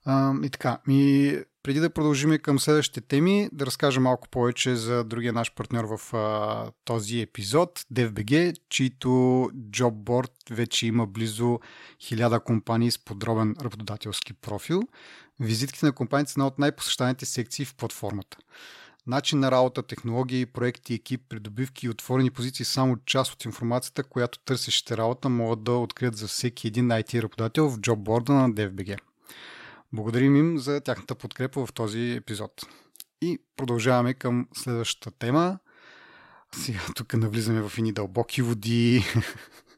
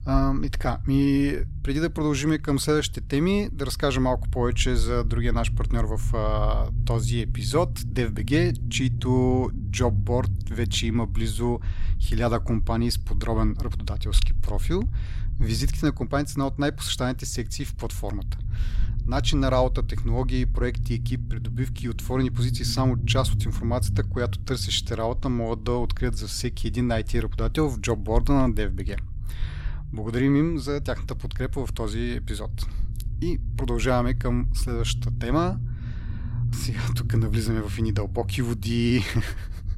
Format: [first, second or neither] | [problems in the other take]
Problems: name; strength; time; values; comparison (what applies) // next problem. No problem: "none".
first | low rumble; noticeable; throughout; 15 dB below the speech